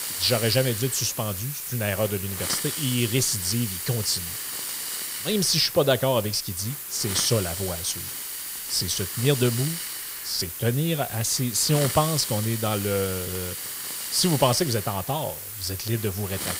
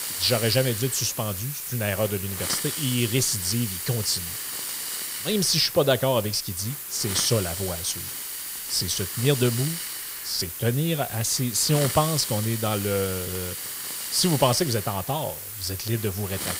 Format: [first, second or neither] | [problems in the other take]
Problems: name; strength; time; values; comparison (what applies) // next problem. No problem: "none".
neither | hiss; loud; throughout; 5 dB below the speech; the same in both